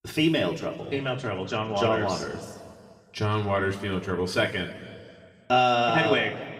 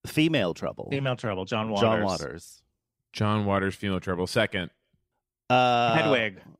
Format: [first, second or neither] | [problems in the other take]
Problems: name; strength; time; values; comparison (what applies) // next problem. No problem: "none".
second | room echo; slight; dies away in 1.7 s // off-mic speech; somewhat distant